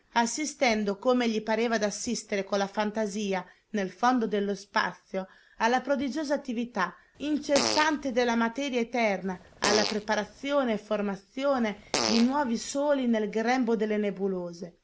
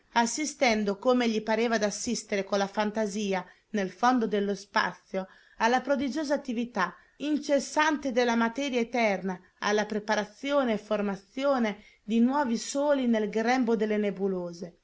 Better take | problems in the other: second | background sound (Fart); 5 dB below the speech

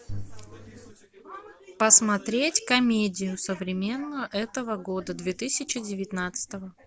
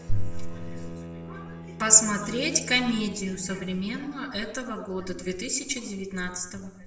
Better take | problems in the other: first | background sound (Bowed string instrument); 16 dB below the speech // room echo; dies away in 0.7 s

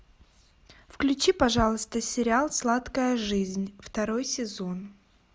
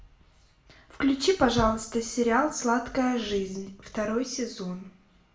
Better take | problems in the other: first | room echo; dies away in 0.4 s

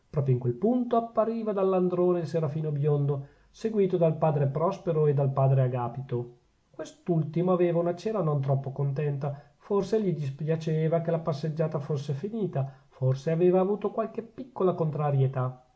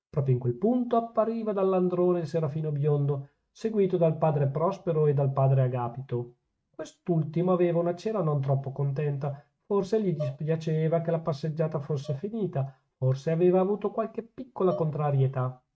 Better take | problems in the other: first | noise reduction (neural mask model RNNoise)

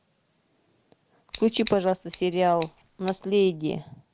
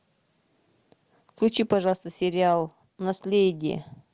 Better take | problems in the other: second | background sound (Scissors); 18 dB below the speech

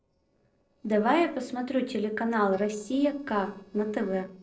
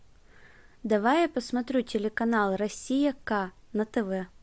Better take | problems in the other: second | noise reduction (neural separator model SepFormer DNS4)

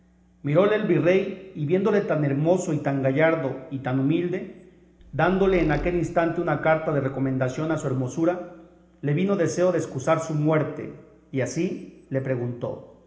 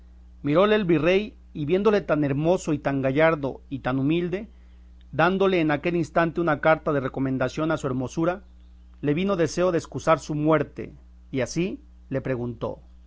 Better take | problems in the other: second | background sound (Squeak); 15 dB below the speech // room echo; dies away in 1 s

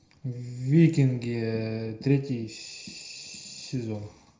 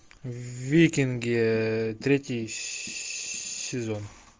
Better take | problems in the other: second | room echo; dies away in 0.5 s

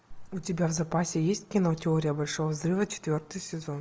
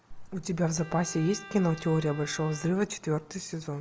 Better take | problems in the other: first | background sound (Bowed string instrument); 19 dB below the speech

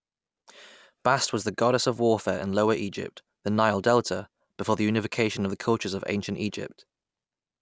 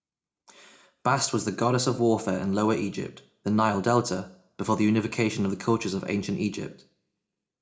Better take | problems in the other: first | room echo; dies away in 0.3 s

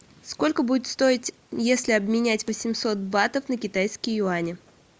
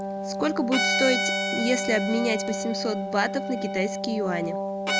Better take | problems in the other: first | background sound (Wind instrument, woodwind instrument + Bowed string instrument); 1 dB below the speech

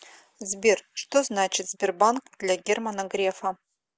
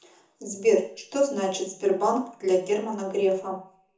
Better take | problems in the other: first | room echo; dies away in 0.5 s

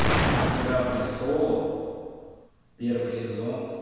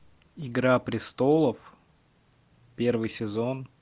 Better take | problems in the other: second | background sound (Explosion); as loud as the speech // room echo; dies away in 1.9 s

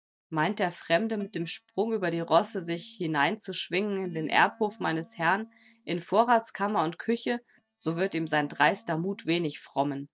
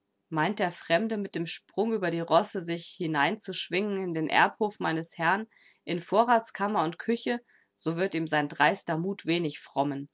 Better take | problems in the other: second | noise reduction (neural mask model DeepFilterNet 3)

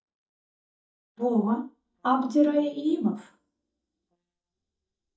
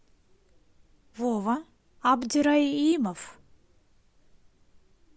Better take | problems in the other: second | noise reduction (neural mask model DeepFilterNet 3)

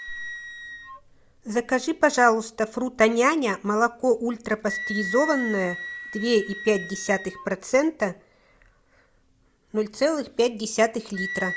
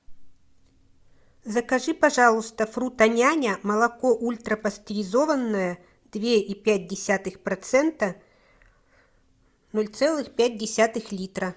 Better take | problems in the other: second | background sound (Wind instrument, woodwind instrument); 13 dB below the speech

